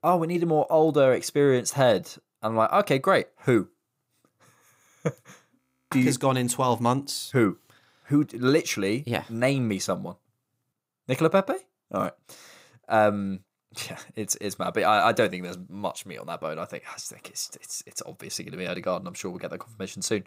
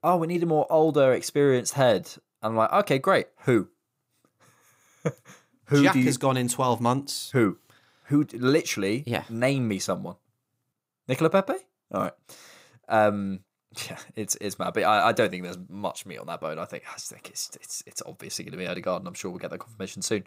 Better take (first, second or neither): second